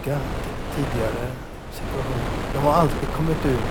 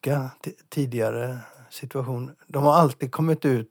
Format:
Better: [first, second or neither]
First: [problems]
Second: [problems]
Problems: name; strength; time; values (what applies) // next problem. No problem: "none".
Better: second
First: wind noise on the microphone; heavy; 5 dB below the speech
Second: none